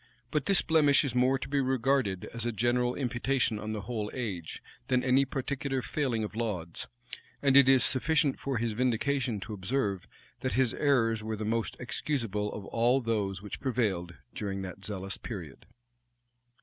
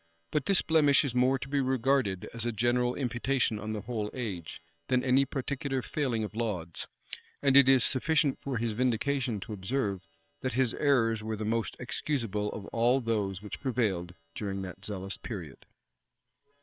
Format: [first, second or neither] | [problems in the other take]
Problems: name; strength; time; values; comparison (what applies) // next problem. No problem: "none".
first | noise reduction (neural separator model SepFormer WHAM!)